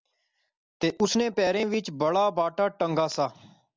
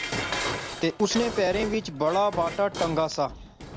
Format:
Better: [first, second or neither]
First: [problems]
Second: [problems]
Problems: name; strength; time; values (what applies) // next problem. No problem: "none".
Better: first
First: none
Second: background sound (Dishes, pots, and pans); 7 dB below the speech